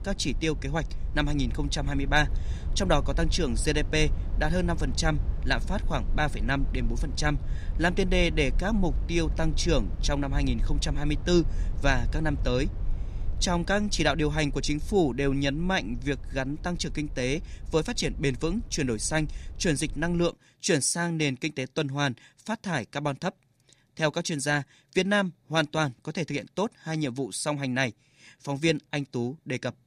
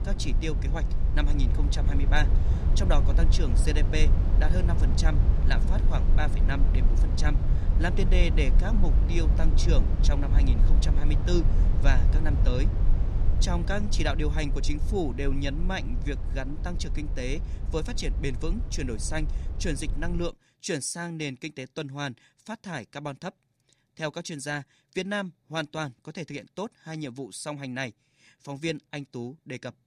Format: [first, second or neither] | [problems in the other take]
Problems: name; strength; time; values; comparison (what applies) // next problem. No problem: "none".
first | low rumble; loud; until 20 s; 8 dB below the speech; faint in the first